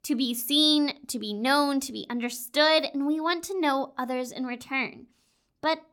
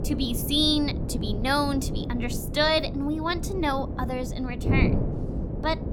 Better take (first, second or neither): first